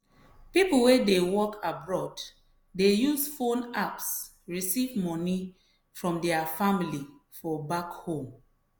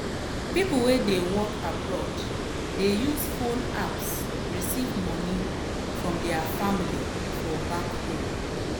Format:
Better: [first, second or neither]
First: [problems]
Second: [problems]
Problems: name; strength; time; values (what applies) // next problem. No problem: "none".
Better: first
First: none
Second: background sound (Water); as loud as the speech